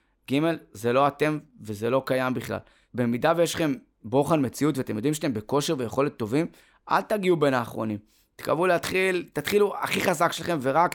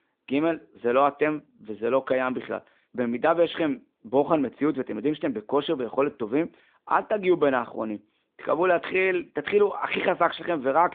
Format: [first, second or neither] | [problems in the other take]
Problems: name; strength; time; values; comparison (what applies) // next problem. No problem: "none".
first | phone-call audio